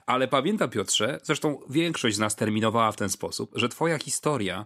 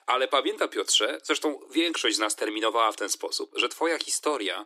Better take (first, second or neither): first